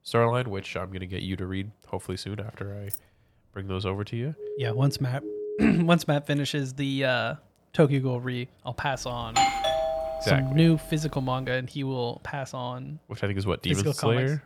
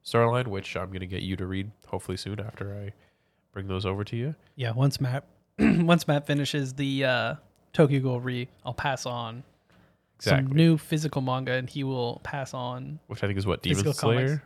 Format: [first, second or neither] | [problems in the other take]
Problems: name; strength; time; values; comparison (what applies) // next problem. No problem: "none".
second | jangling keys; noticeable; at 3 s; peak 8 dB below the speech // siren; noticeable; from 4.5 to 6 s; peak 7 dB below the speech // doorbell; loud; from 9 to 10 s; peak 4 dB above the speech